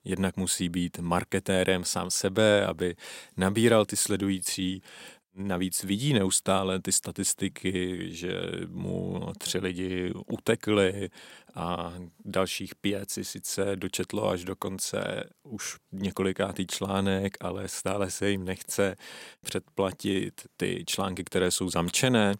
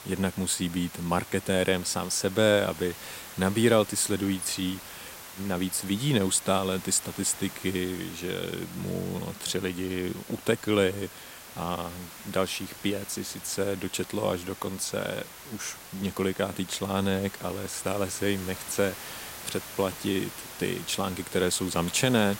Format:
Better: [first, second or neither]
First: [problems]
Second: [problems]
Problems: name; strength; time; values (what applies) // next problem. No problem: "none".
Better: first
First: none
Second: hiss; noticeable; throughout; 15 dB below the speech